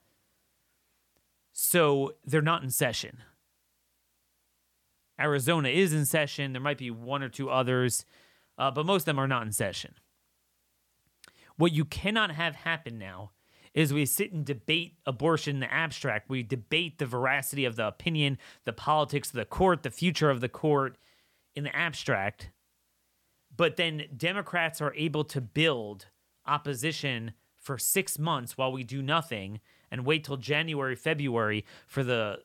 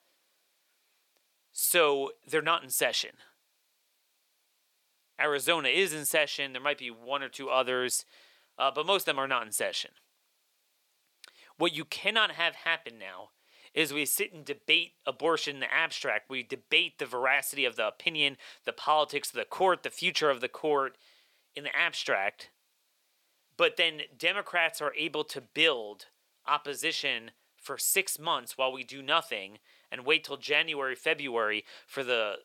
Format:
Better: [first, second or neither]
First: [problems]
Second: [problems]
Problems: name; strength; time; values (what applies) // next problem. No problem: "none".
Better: first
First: none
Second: thin; somewhat; fading below 500 Hz